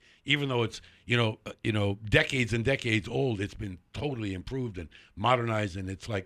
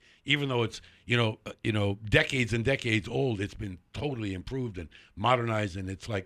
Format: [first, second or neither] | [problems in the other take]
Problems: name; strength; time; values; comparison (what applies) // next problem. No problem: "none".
neither | none